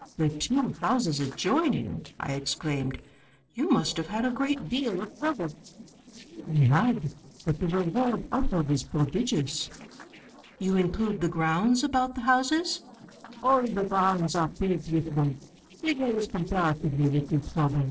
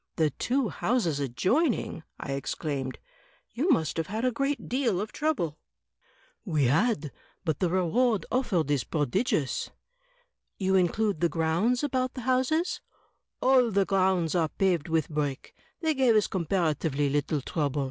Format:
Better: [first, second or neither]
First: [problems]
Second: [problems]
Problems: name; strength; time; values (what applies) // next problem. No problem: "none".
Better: second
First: noise reduction (neural separator model SepFormer DNS4)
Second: none